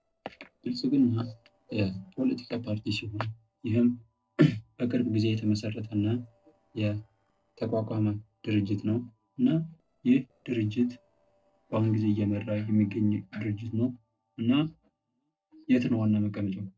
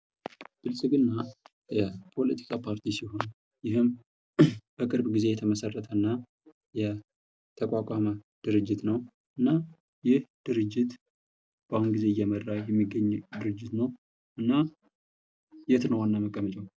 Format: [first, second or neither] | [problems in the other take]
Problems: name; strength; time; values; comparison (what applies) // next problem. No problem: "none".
second | noise reduction (neural separator model SepFormer DNS4)